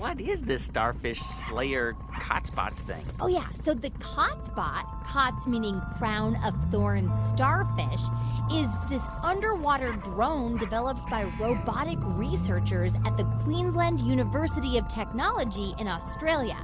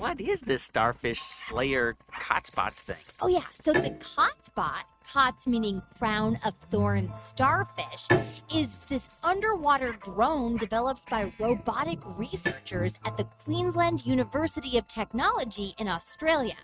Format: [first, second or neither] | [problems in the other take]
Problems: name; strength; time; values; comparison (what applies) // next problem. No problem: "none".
first | noise reduction (neural mask model RNNoise)